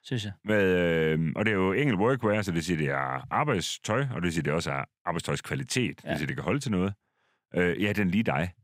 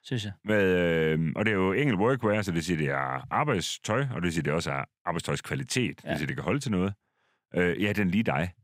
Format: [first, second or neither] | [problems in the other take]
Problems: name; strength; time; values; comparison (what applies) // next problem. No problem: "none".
neither | none